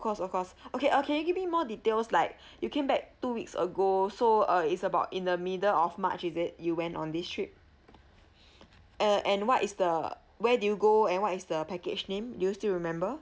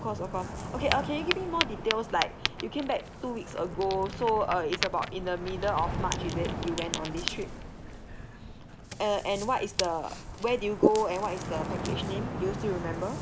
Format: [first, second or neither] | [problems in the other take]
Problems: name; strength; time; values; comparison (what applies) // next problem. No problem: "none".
first | background sound (Ocean); 3 dB below the speech